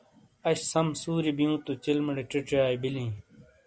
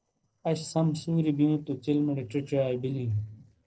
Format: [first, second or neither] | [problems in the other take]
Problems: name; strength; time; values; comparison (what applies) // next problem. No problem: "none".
first | noise reduction (neural separator model SepFormer DNS4)